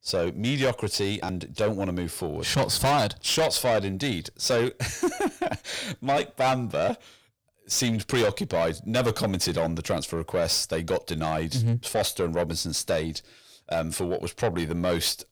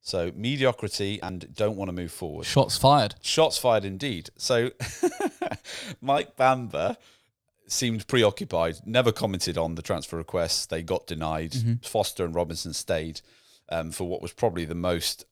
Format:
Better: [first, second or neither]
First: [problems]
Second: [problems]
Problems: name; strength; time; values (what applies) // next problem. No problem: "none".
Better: second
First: distortion; heavy; 7 dB below the speech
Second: none